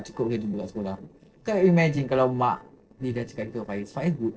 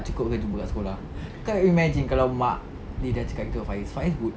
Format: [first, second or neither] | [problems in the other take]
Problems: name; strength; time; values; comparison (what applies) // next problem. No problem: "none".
second | noise reduction (neural separator model SepFormer DNS4)